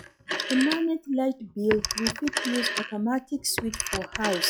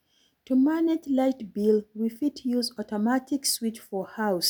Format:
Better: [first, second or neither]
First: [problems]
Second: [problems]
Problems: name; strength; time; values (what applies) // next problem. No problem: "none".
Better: second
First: noise reduction (classical method log-MMSE)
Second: none